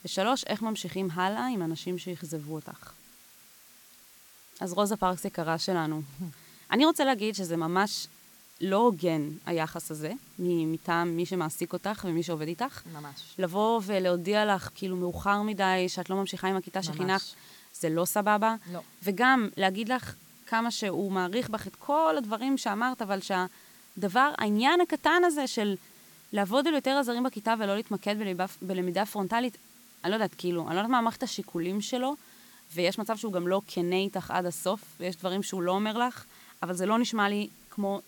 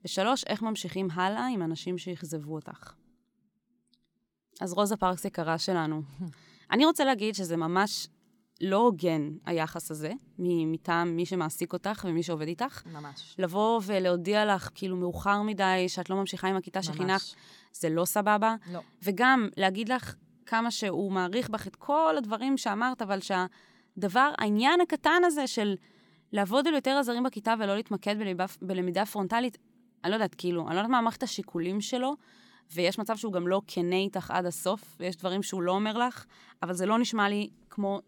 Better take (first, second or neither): second